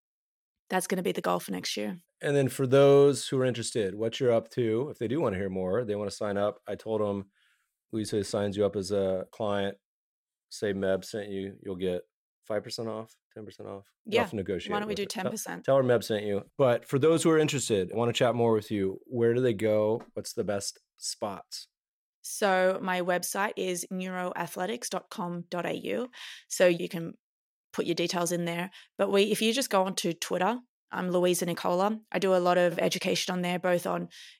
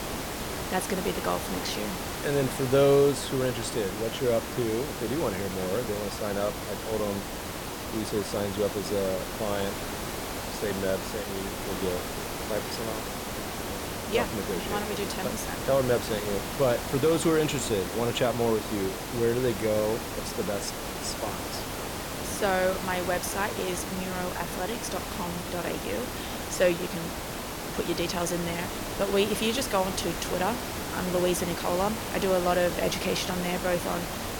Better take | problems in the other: first | hiss; loud; throughout; 4 dB below the speech

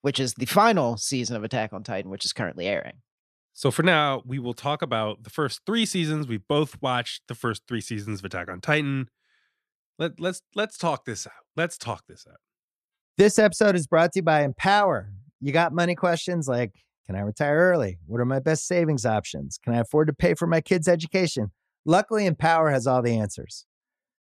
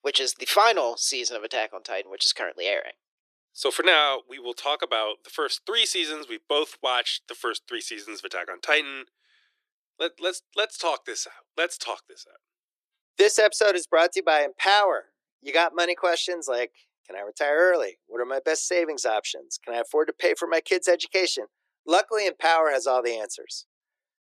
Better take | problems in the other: first | thin; very; fading below 350 Hz

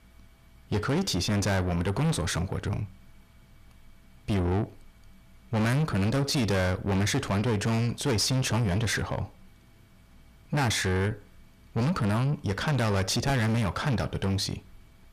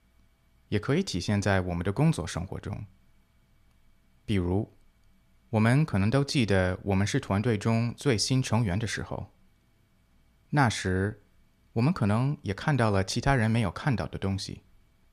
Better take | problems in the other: second | distortion; heavy; 6 dB below the speech

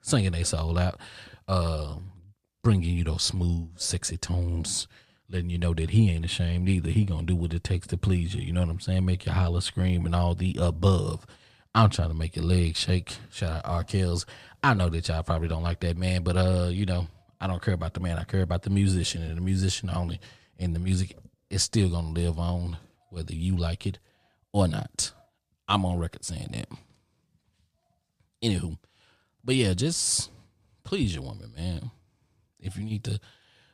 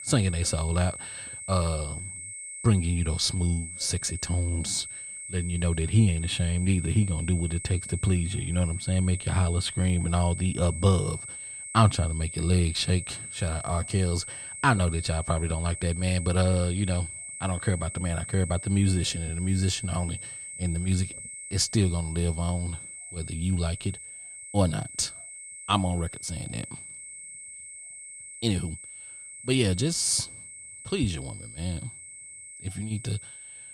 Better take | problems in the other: first | high-pitched whine; loud; throughout; 8.5 kHz, 10 dB below the speech

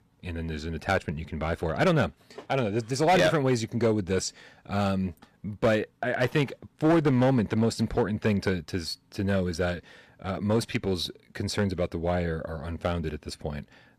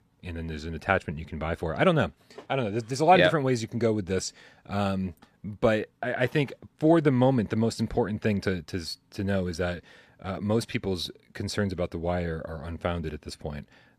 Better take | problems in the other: second | distortion; slight; 3% of the sound clipped

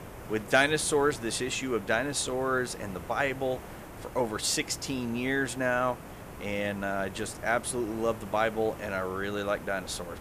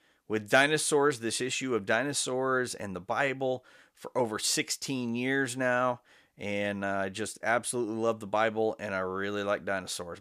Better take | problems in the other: second | hiss; noticeable; throughout; 15 dB below the speech

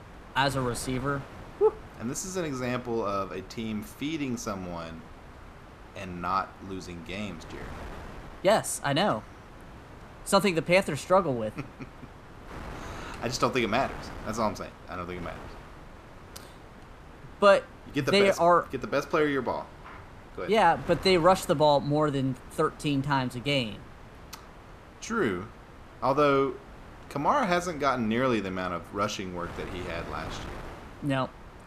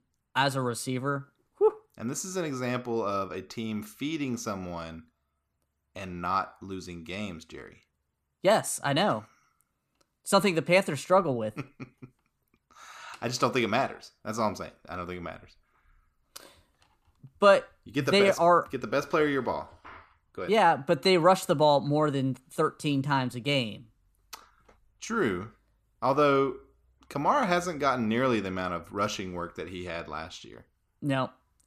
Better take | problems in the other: second | wind noise on the microphone; occasional gusts; 20 dB below the speech

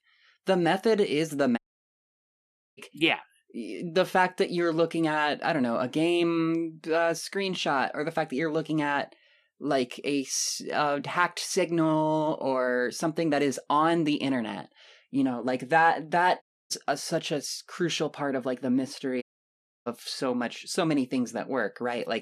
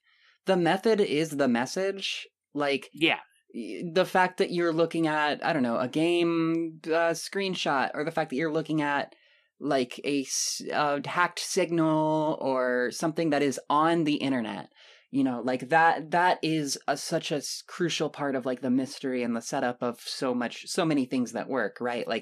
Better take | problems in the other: second | audio cutting out; at 1.5 s for 1 s, at 16 s and at 19 s for 0.5 s

